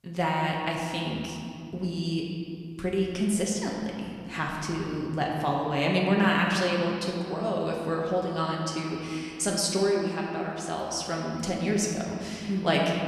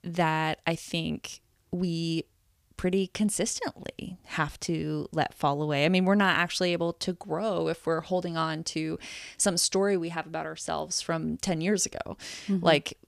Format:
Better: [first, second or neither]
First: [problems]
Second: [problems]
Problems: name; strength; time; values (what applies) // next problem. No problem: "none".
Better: second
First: room echo; noticeable; dies away in 2.2 s // off-mic speech; somewhat distant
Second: none